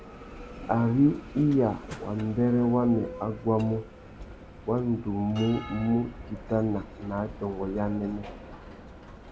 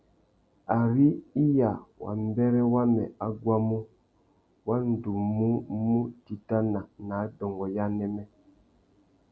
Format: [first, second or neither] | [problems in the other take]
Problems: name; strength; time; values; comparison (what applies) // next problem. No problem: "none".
second | background sound (Bell); 14 dB below the speech